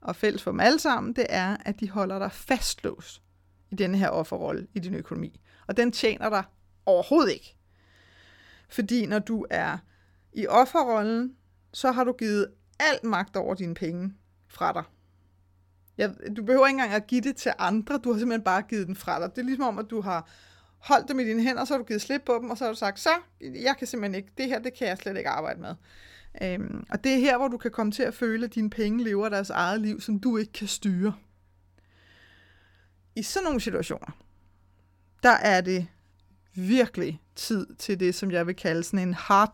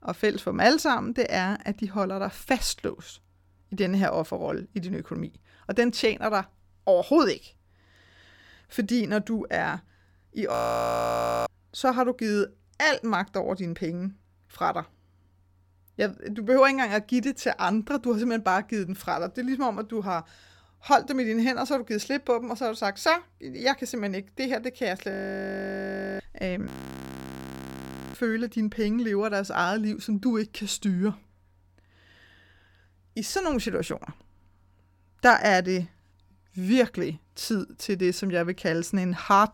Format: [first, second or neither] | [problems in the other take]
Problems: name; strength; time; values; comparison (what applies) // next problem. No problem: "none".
first | audio freezing; at 11 s for 1 s, at 25 s for 1 s and at 27 s for 1.5 s